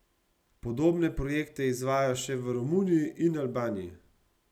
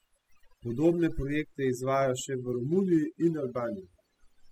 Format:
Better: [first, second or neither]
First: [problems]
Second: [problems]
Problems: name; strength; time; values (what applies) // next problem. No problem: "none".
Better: first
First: none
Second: noise reduction (classical method spectral subtraction)